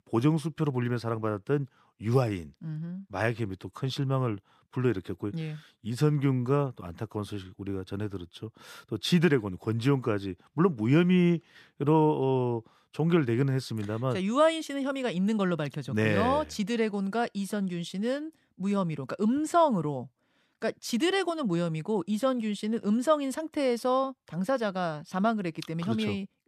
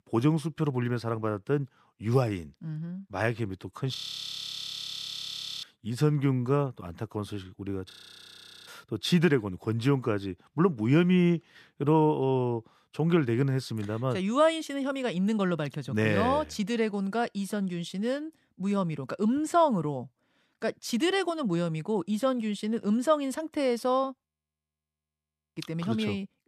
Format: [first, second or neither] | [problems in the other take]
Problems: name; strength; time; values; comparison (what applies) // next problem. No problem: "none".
first | audio freezing; at 4 s for 1.5 s, at 8 s for 1 s and at 24 s for 1.5 s